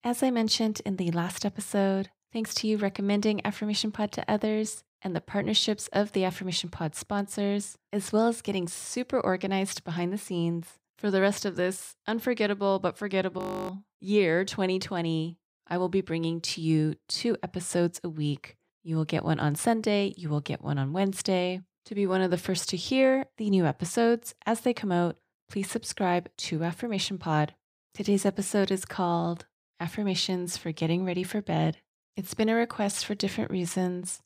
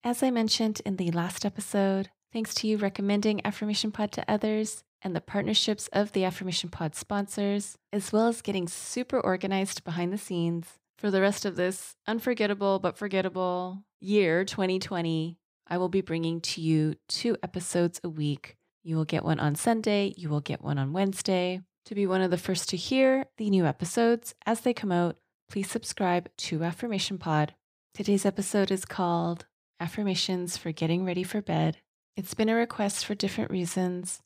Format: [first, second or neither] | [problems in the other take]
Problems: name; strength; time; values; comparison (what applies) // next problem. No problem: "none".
second | audio freezing; at 13 s